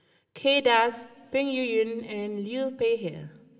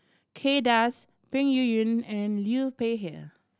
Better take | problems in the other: second | room echo; dies away in 1.7 s

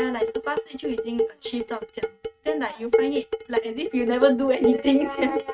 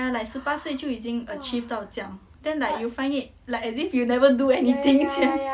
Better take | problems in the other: second | noise reduction (neural mask model RNNoise)

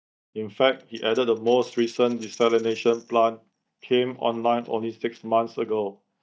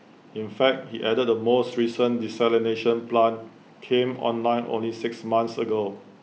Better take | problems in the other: second | noise reduction (neural mask model DeepFilterNet 3)

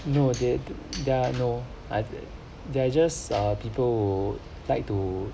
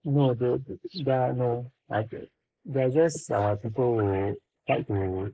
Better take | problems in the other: first | noise reduction (neural mask model Resemble Enhance denoiser)

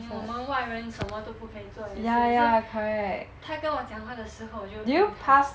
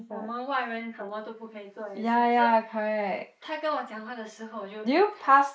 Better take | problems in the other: first | noise reduction (neural mask model Resemble Enhance denoiser)

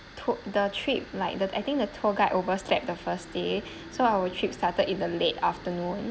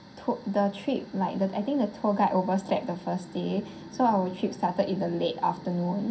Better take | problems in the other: first | room echo; dies away in 0.3 s

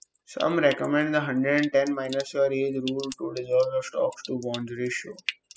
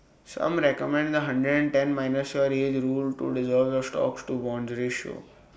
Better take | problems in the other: second | noise reduction (classical method spectral subtraction)

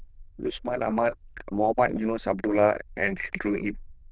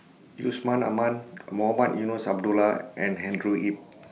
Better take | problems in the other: second | noise reduction (neural diffusion model UNIVERSE++)

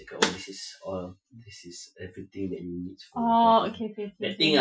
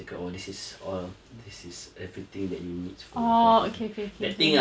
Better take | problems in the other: second | noise reduction (classical method Wiener filter)

